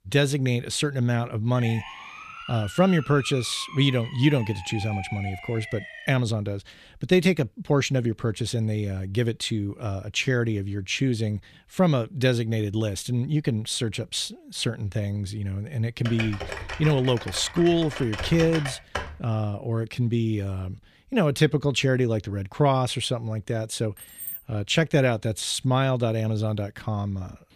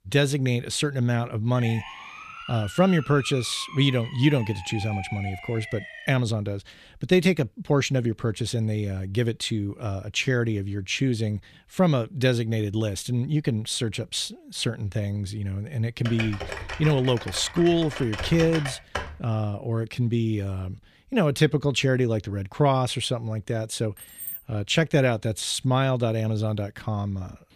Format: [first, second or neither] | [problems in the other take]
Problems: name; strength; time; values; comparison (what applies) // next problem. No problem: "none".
neither | siren; noticeable; from 1.5 to 6 s; peak 10 dB below the speech; the same in both // keyboard typing; noticeable; from 16 to 19 s; peak 6 dB below the speech; the same in both // jangling keys; noticeable; at 24 s; peak 8 dB below the speech; the same in both